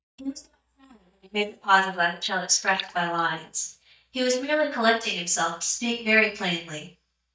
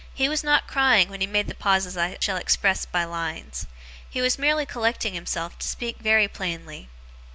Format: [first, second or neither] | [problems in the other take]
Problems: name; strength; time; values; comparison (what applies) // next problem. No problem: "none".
second | noise reduction (neural mask model DeepFilterNet 3)